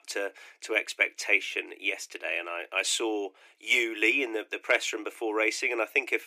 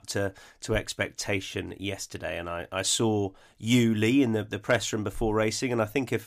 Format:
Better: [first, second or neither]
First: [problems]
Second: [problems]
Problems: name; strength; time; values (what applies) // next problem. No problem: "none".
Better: second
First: thin; very; fading below 300 Hz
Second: none